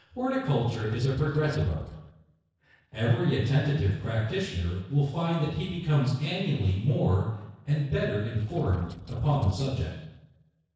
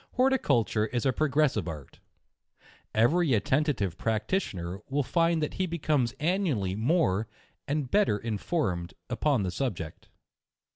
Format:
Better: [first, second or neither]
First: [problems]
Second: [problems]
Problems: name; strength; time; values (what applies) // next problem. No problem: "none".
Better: second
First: noise reduction (neural separator model SepFormer DNS4)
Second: none